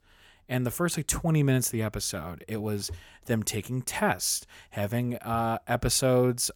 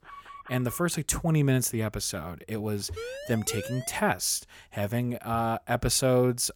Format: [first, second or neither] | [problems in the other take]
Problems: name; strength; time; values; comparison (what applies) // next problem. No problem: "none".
first | alarm; faint; at the start; peak 15 dB below the speech // siren; noticeable; from 3 to 4 s; peak 10 dB below the speech